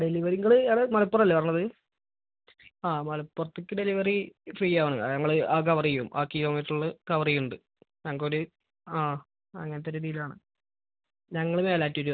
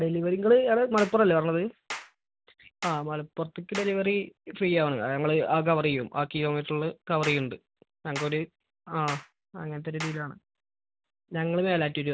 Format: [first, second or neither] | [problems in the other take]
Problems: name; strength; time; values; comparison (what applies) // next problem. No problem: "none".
first | background sound (Clapping); 15 dB below the speech